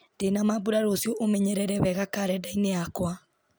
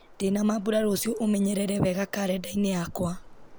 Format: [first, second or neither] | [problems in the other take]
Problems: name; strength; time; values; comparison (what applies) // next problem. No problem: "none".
first | background sound (Waves, surf); 19 dB below the speech